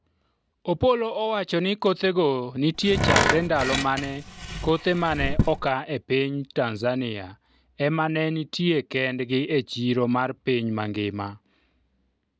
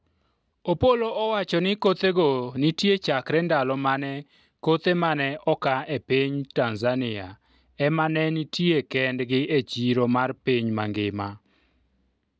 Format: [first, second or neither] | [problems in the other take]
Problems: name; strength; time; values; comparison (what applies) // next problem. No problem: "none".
second | background sound (Tools); 1 dB below the speech